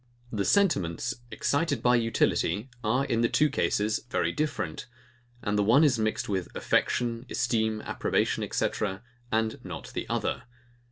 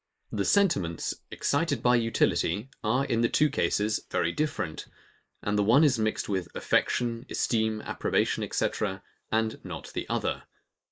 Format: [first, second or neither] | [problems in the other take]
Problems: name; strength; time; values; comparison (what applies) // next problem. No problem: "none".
first | noise reduction (neural mask model Resemble Enhance denoiser)